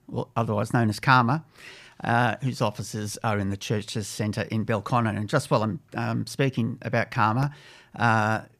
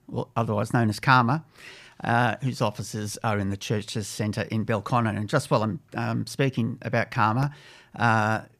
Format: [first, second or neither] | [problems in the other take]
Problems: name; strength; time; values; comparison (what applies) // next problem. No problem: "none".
neither | none